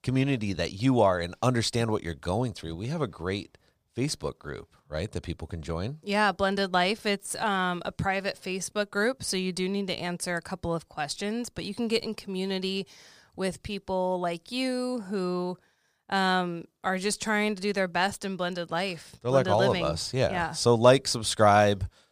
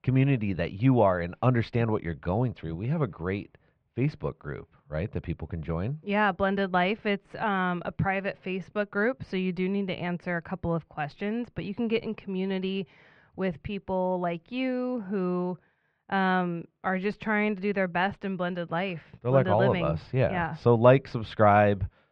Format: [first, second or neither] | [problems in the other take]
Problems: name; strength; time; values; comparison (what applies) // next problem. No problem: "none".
first | muffled; very; fading above 2.5 kHz